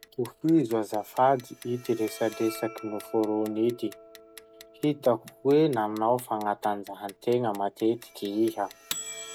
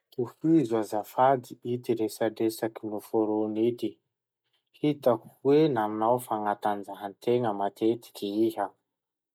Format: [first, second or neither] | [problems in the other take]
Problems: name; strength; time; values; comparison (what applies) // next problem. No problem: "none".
second | background sound (Clock + Bowed string instrument); 18 dB below the speech